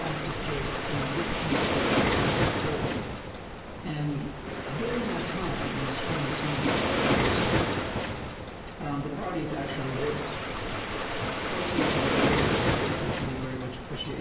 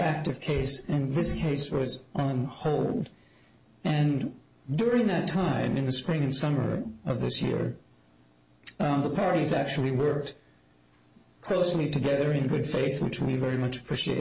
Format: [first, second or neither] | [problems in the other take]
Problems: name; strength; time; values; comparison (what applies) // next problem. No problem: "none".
second | background sound (Waves, surf); 5 dB above the speech // room echo; dies away in 1.4 s